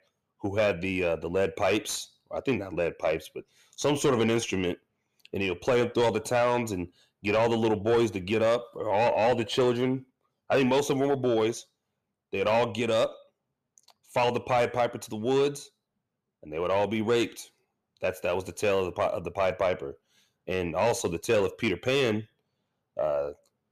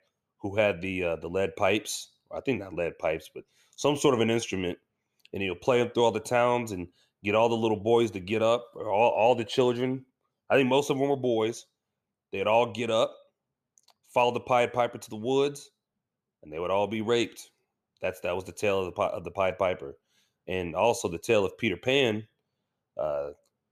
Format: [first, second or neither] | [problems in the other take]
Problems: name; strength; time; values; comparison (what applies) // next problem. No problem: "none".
second | distortion; slight; 10 dB below the speech